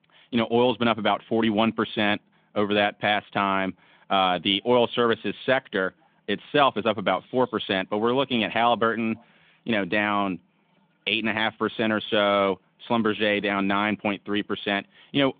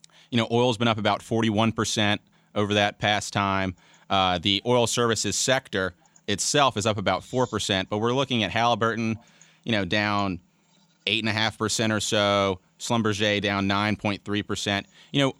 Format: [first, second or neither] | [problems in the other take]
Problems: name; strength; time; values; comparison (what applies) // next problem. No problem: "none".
second | phone-call audio; nothing above 3.5 kHz